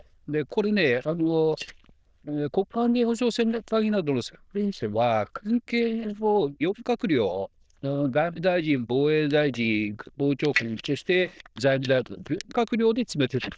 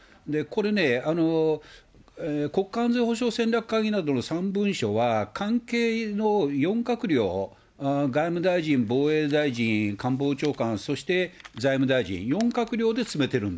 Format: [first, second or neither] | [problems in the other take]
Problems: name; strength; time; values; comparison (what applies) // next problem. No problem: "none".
second | noise reduction (neural diffusion model UNIVERSE++)